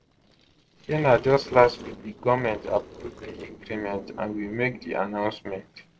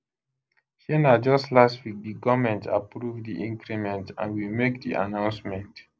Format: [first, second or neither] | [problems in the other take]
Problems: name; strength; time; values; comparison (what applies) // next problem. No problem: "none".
second | noise reduction (neural separator model SepFormer DNS4)